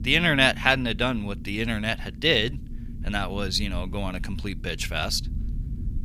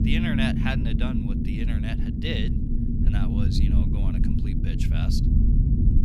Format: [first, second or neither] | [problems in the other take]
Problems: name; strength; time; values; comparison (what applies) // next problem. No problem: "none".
first | low rumble; loud; throughout; 1 dB below the speech; faint in the first